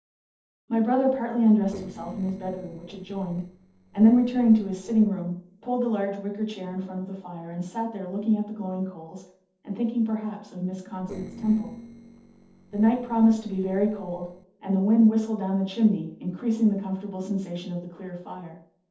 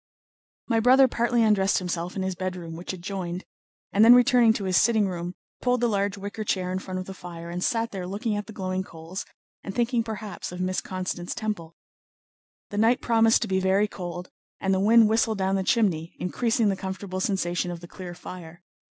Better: second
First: noise reduction (neural separator model SepFormer DNS4)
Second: none

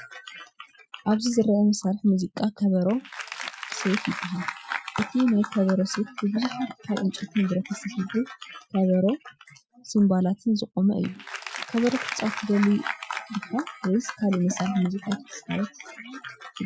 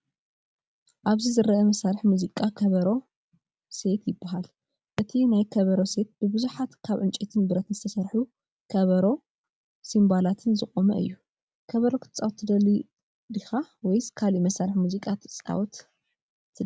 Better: second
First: noise reduction (classical method Wiener filter)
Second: none

